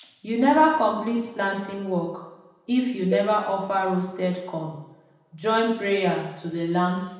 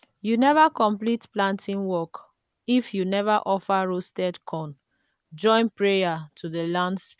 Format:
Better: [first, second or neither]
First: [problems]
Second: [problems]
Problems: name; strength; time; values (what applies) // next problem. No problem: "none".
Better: second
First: background sound (Cowbell); 11 dB below the speech // room echo; dies away in 0.8 s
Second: none